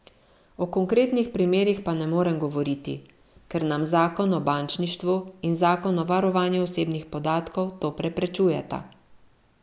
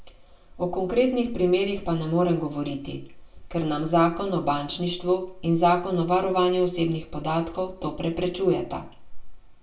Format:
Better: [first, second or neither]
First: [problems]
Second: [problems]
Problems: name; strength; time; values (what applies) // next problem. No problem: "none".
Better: first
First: none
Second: room echo; dies away in 0.2 s